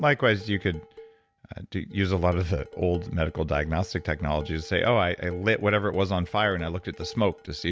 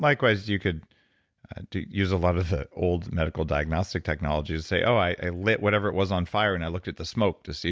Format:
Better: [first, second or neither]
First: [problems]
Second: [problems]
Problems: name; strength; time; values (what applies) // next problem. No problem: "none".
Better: second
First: background sound (Dishes, pots, and pans); 19 dB below the speech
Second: none